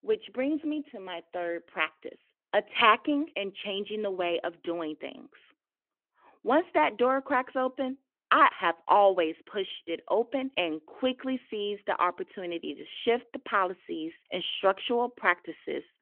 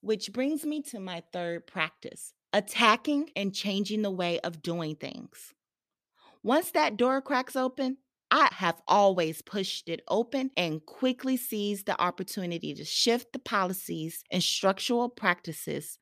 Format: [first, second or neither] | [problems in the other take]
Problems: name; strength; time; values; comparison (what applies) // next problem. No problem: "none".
second | phone-call audio; nothing above 3 kHz